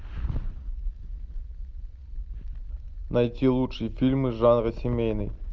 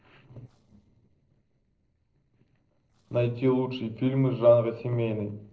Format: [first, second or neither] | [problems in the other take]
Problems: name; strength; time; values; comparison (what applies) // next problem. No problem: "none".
first | noise reduction (neural separator model SepFormer DNS4)